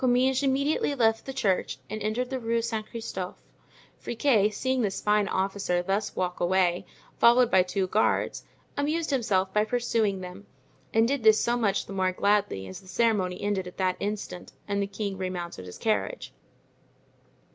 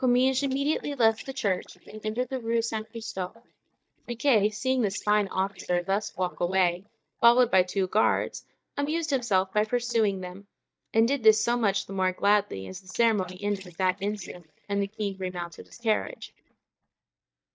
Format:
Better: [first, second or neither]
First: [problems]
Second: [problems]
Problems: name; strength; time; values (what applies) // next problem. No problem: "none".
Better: first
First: none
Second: noise reduction (neural mask model DeepFilterNet 3)